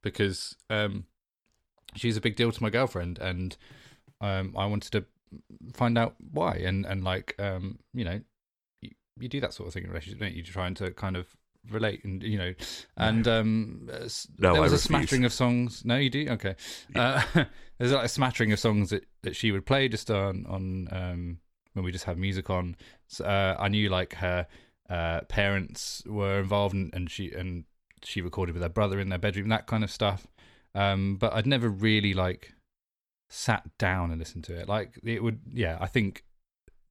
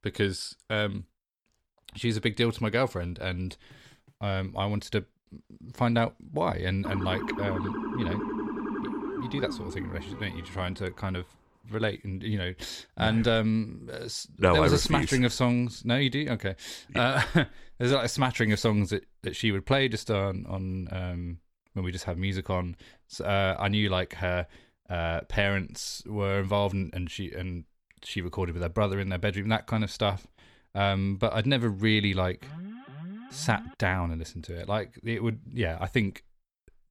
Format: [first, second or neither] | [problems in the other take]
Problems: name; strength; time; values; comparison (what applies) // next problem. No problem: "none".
first | siren; noticeable; from 7 to 11 s; peak 4 dB below the speech // alarm; faint; from 32 to 34 s; peak 15 dB below the speech